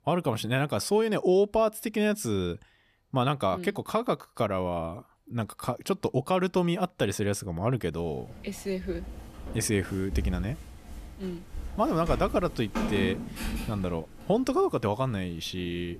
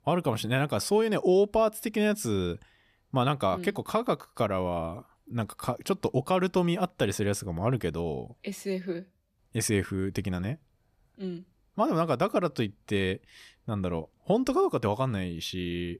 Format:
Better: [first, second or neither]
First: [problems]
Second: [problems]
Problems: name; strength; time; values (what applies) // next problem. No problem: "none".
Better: second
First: footsteps; noticeable; from 8 s on; peak 1 dB below the speech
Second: none